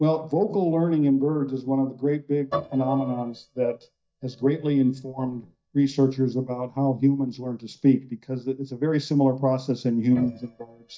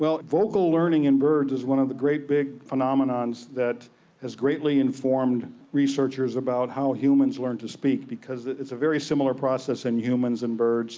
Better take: second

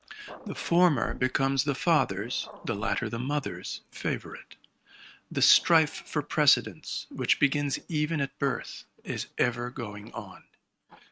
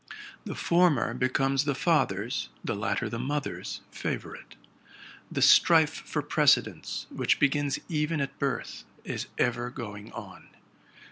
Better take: second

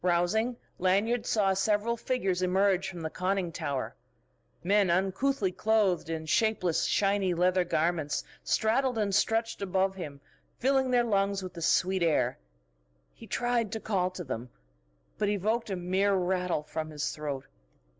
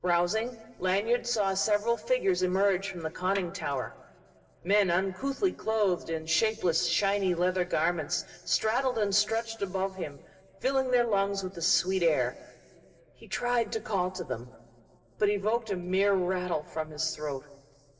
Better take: first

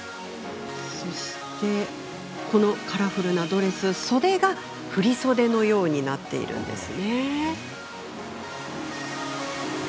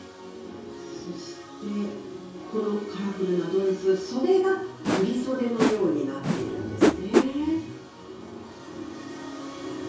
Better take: first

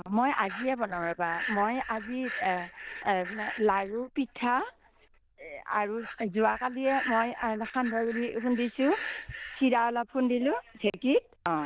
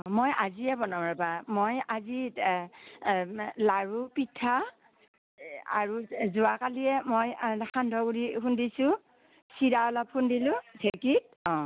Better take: second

